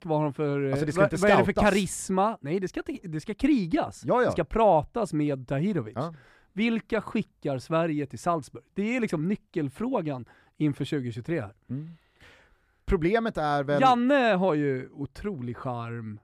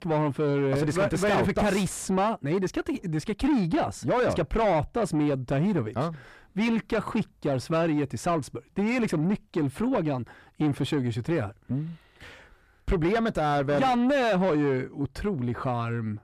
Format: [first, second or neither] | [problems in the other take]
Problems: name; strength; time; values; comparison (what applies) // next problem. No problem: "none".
first | distortion; heavy; 7 dB below the speech